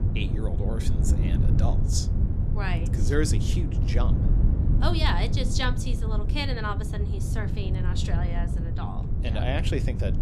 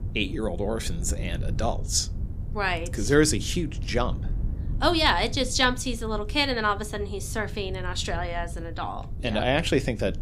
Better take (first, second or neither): second